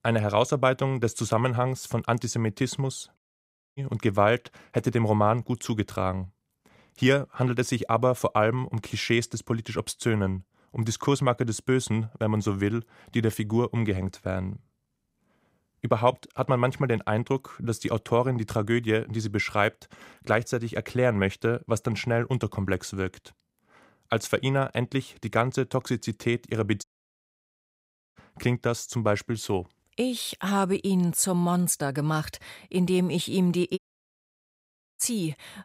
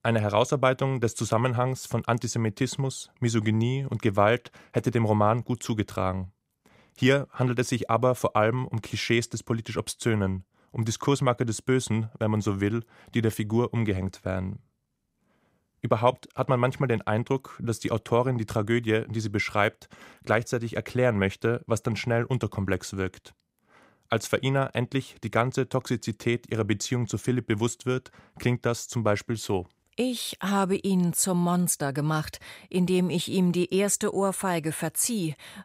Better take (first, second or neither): second